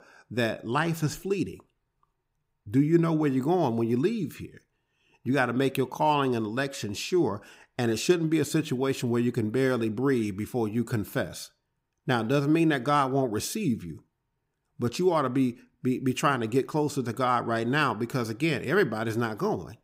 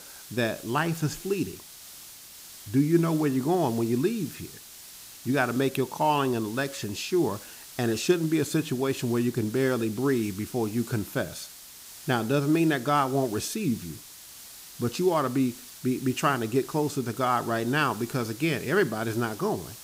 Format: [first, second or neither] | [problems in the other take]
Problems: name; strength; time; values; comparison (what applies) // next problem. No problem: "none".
first | hiss; noticeable; throughout; 15 dB below the speech